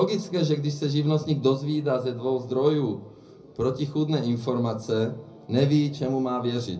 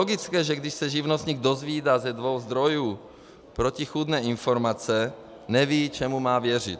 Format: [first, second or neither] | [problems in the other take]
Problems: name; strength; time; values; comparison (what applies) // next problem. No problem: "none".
second | room echo; dies away in 0.4 s